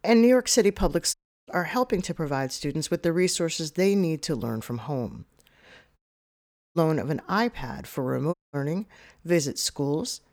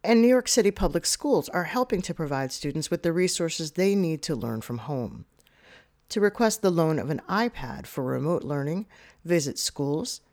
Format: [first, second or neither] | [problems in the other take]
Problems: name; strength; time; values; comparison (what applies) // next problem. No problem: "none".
second | audio cutting out; at 1 s, at 6 s for 1 s and at 8.5 s